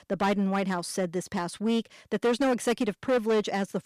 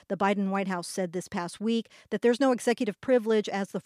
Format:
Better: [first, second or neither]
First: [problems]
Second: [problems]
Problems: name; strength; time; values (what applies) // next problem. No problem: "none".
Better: second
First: distortion; slight; 9% of the sound clipped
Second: none